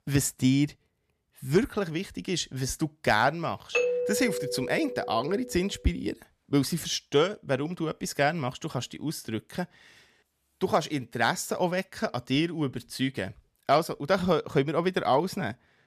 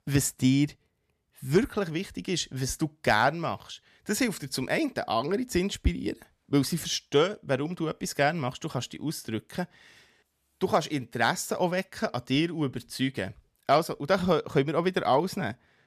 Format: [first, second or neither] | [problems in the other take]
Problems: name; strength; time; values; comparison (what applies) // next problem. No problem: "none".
second | doorbell; loud; from 3.5 to 5.5 s; peak 2 dB above the speech